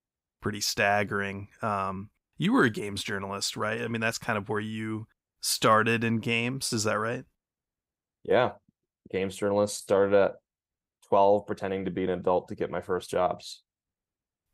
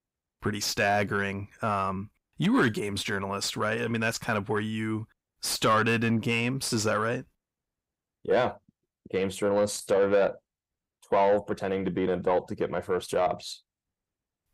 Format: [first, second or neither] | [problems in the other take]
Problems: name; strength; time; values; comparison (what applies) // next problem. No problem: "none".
first | distortion; slight; 10 dB below the speech